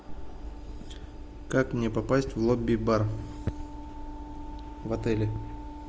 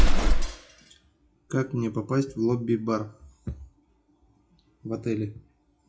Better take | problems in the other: first | noise reduction (classical method WPE with log-MMSE)

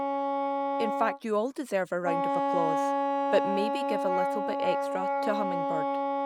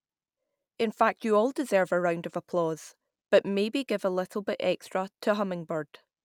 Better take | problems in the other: second | background sound (Wind instrument, woodwind instrument); 4 dB above the speech

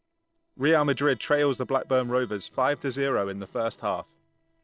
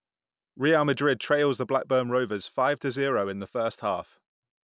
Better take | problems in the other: second | noise reduction (neural separator model SepFormer DNS4)

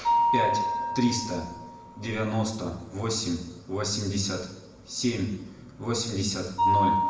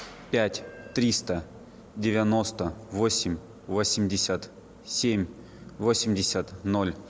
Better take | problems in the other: second | background sound (Mallet percussion); as loud as the speech // room echo; dies away in 0.8 s

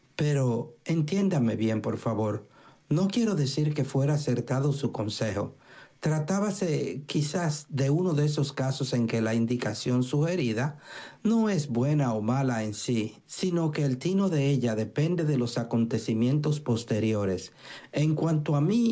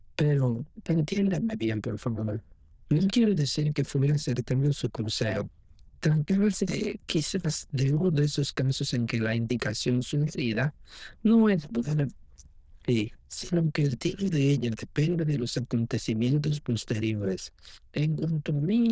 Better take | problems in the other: first | noise reduction (neural diffusion model UNIVERSE++)

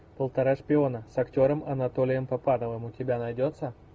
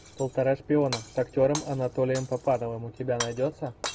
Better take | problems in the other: first | background sound (Shatter); 13 dB below the speech

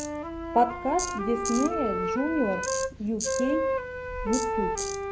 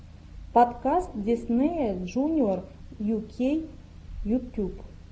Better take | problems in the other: second | background sound (Wind instrument, woodwind instrument + Tools); 1 dB below the speech

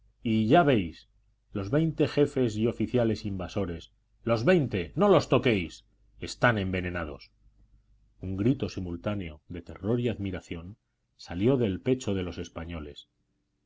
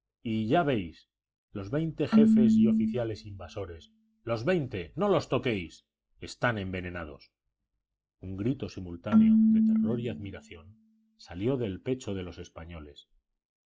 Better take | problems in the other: first | noise reduction (classical method log-MMSE)

